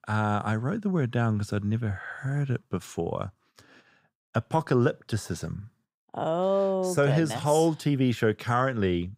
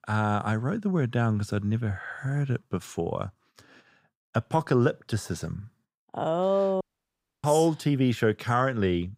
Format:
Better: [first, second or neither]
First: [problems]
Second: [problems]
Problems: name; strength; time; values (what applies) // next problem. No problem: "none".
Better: first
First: none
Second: audio cutting out; at 7 s for 0.5 s